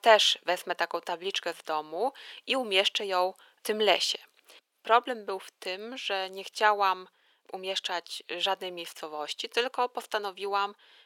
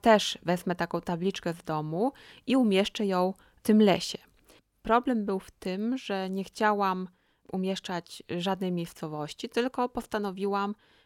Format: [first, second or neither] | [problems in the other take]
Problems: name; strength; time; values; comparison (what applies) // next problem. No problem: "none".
second | thin; very; fading below 450 Hz